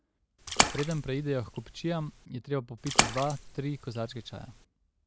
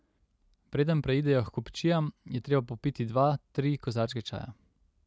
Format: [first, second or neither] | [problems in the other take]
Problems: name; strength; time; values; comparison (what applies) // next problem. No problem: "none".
second | background sound (Splash, splatter); 2 dB above the speech